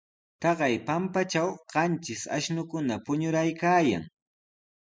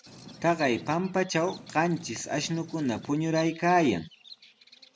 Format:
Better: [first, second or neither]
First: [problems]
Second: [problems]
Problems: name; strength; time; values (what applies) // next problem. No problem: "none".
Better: first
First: none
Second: background sound (Purr + Bird vocalization, bird call, bird song); 20 dB below the speech